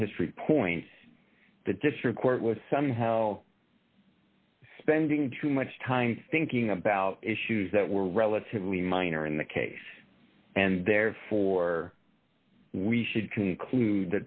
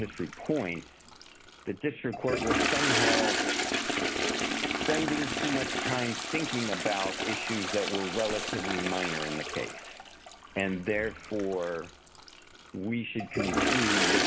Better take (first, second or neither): first